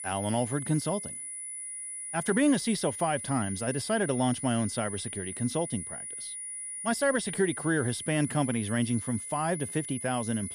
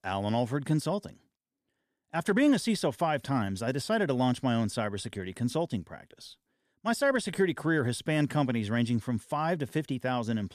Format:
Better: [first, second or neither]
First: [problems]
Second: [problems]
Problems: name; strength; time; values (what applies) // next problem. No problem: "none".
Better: second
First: high-pitched whine; loud; throughout; 9.5 kHz, 6 dB below the speech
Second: none